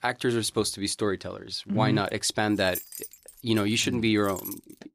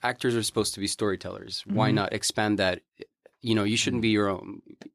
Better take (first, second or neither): second